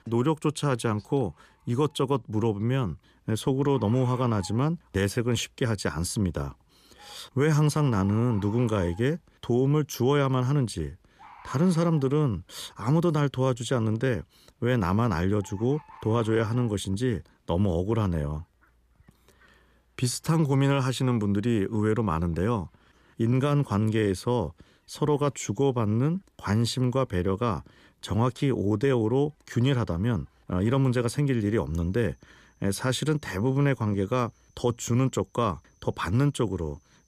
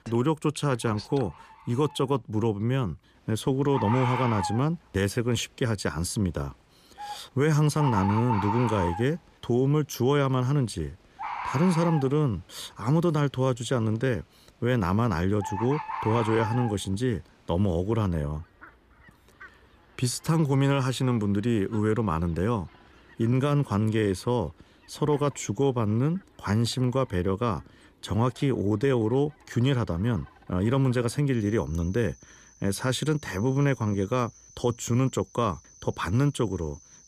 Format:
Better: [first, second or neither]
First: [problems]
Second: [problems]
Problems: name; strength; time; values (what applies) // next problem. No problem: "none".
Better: first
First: animal sounds; faint; throughout; 25 dB below the speech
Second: animal sounds; loud; throughout; 9 dB below the speech